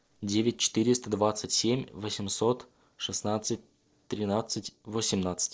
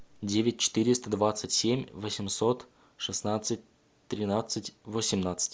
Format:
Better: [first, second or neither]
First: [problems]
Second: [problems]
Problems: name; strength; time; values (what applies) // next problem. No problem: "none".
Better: second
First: noise reduction (neural separator model SepFormer DNS4)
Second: none